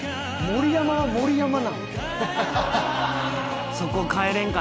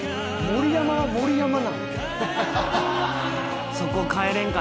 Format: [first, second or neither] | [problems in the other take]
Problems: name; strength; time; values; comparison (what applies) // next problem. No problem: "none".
first | background sound (Wind instrument, woodwind instrument); 8 dB below the speech